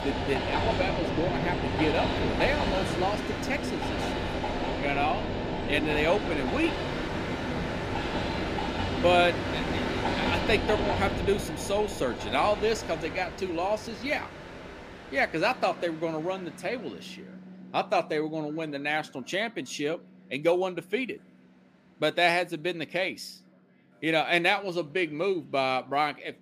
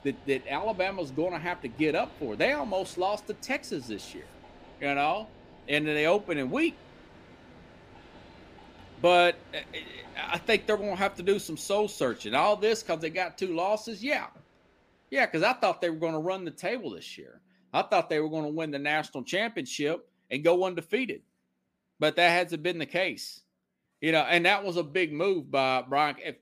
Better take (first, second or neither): second